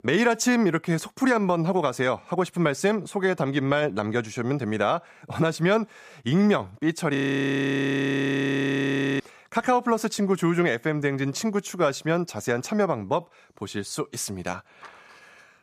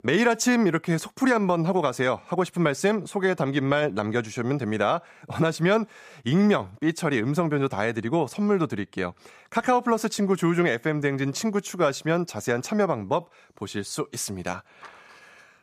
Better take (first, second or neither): second